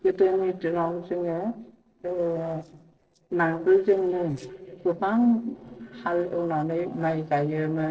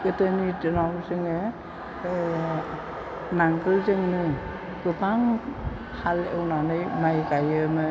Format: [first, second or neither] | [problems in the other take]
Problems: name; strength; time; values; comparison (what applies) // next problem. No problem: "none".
second | noise reduction (neural separator model SepFormer DNS4)